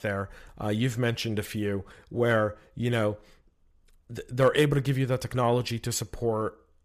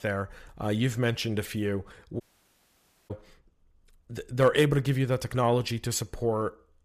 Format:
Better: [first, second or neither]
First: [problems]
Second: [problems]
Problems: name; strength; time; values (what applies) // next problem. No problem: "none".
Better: first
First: none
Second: audio cutting out; at 2 s for 1 s